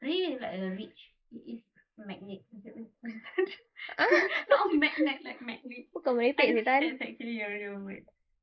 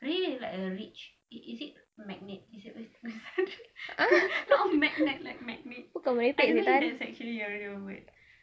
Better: second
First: noise reduction (neural mask model Resemble Enhance denoiser)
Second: none

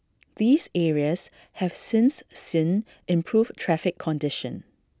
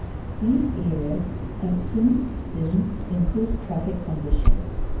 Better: first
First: none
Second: background sound (Bird vocalization, bird call, bird song); 1 dB above the speech // room echo; dies away in 0.9 s

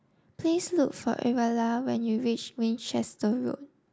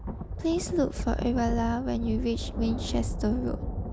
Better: first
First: none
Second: background sound (Thunder); 3 dB below the speech

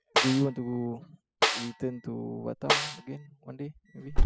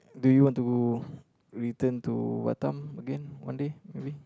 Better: second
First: noise reduction (classical method spectral subtraction)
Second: none

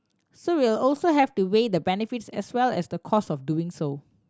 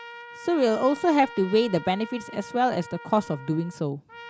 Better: first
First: none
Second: background sound (Trumpet); 17 dB below the speech

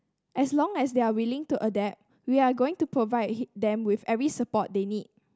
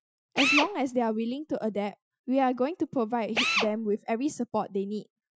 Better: first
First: none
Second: noise reduction (classical method Wiener filter)

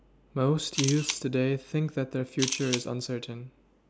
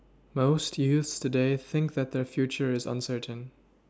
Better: second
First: background sound (Camera); 6 dB below the speech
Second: none

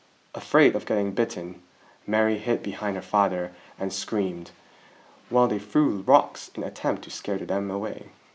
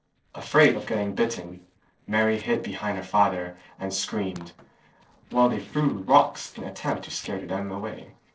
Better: first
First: none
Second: noise reduction (neural separator model SepFormer DNS4)

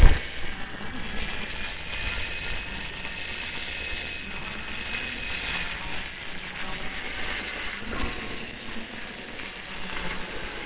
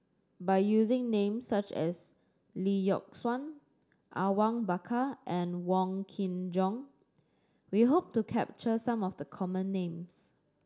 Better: second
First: noise reduction (neural separator model SepFormer WHAMR!)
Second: none

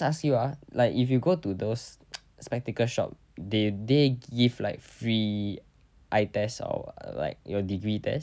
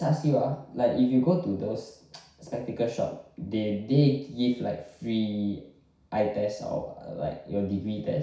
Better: first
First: none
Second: room echo; dies away in 0.6 s

